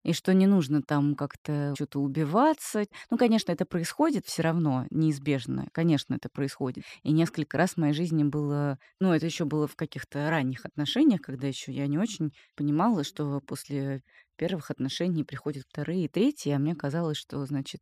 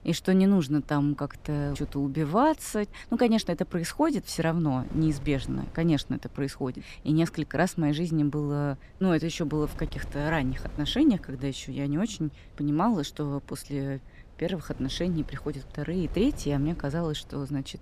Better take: first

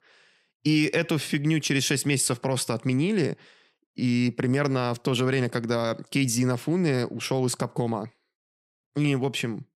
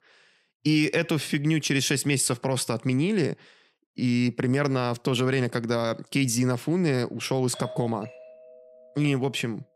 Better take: first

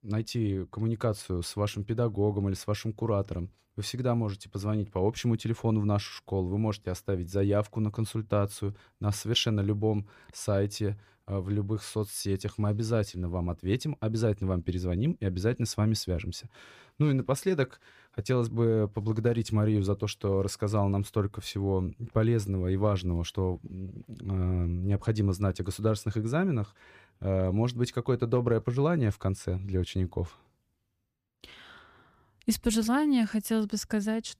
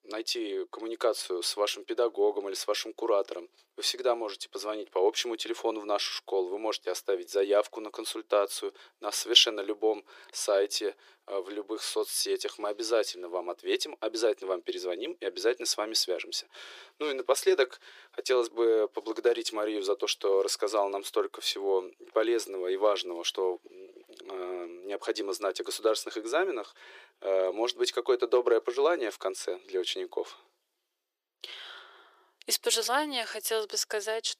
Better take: first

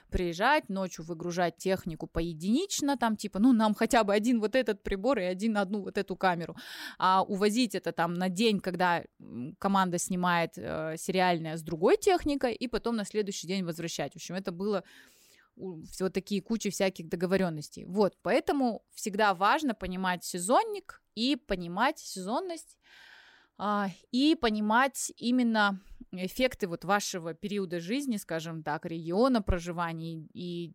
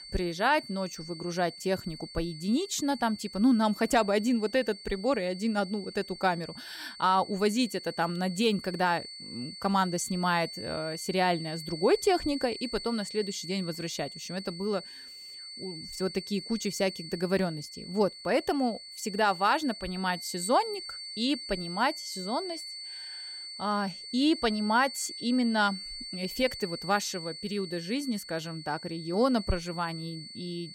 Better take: first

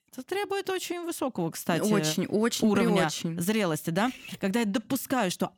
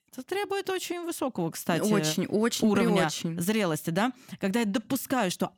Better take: second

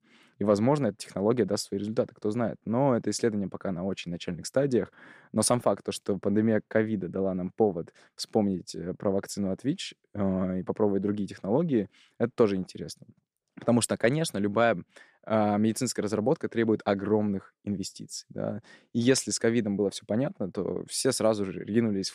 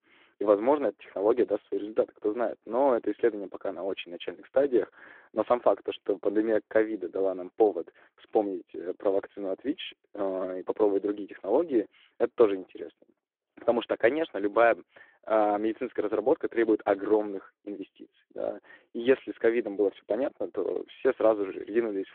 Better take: first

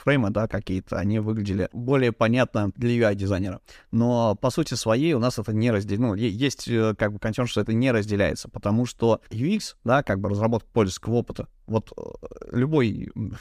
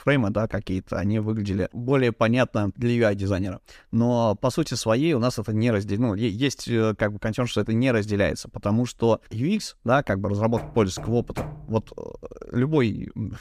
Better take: first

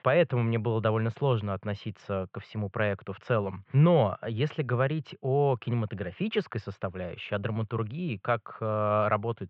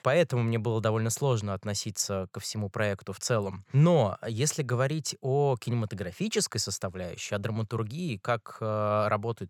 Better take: second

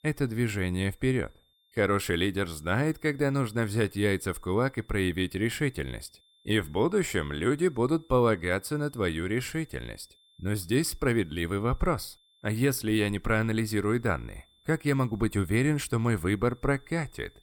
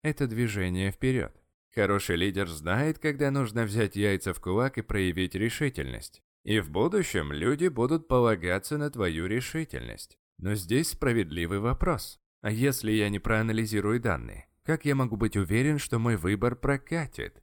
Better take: second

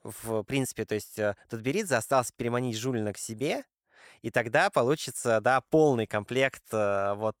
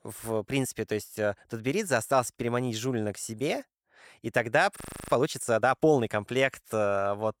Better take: first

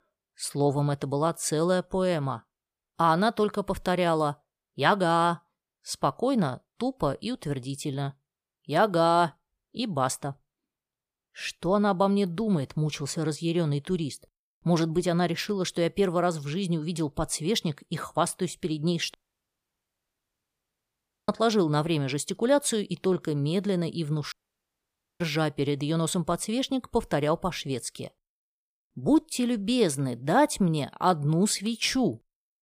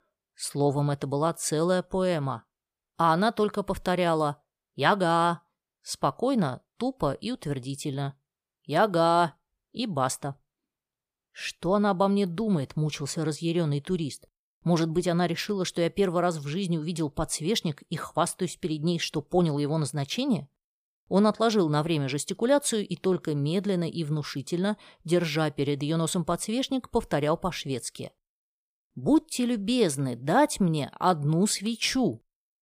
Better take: second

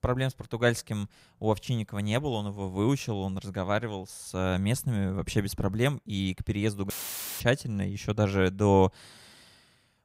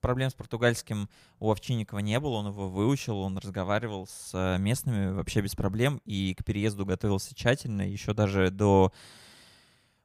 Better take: second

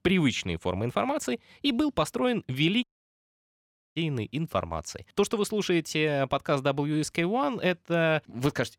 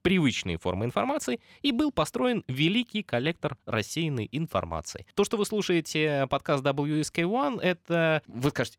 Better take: second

